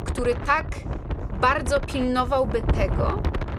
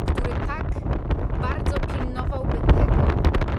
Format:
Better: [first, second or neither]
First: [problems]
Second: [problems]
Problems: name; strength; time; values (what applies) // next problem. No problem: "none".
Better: first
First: wind noise on the microphone; occasional gusts; 10 dB below the speech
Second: wind noise on the microphone; heavy; 5 dB above the speech